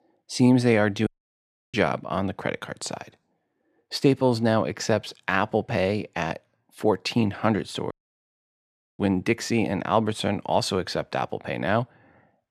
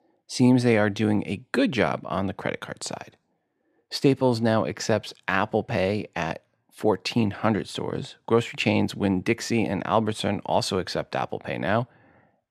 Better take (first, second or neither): second